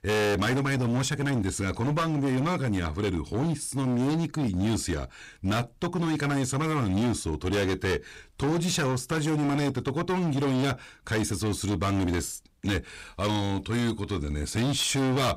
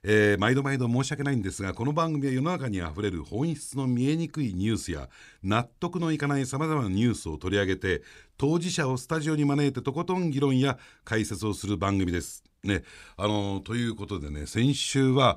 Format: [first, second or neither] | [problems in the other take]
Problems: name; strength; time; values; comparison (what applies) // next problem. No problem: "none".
second | distortion; heavy; 24% of the sound clipped